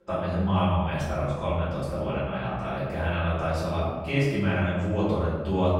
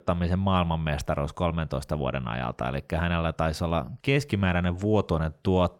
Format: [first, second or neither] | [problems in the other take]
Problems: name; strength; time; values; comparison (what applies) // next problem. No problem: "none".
second | off-mic speech; far // room echo; strong; dies away in 1.1 s